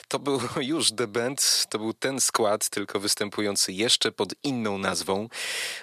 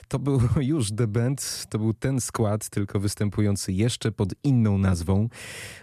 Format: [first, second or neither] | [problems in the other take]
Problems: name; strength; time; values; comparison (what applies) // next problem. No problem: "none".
second | thin; very; fading below 450 Hz